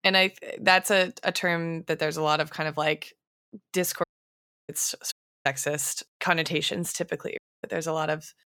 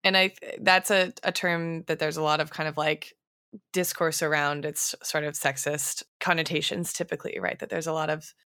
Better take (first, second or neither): second